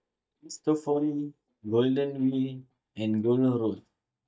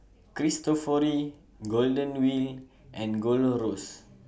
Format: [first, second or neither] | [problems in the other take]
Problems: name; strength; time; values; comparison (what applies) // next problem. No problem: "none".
second | noise reduction (neural mask model DeepFilterNet 3)